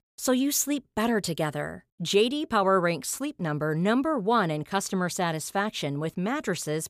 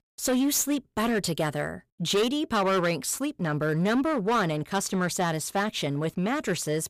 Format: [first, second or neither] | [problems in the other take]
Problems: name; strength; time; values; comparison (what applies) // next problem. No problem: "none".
first | distortion; slight; 11% of the sound clipped